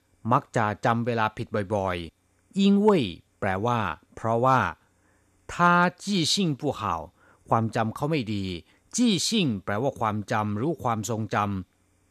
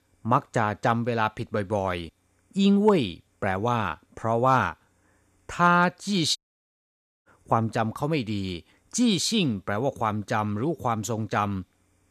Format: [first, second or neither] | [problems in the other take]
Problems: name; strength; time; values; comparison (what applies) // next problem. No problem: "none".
first | audio cutting out; at 6.5 s for 1 s